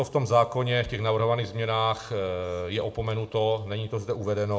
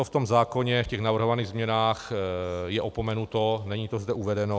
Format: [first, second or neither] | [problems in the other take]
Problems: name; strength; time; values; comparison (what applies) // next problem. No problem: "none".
second | room echo; dies away in 0.7 s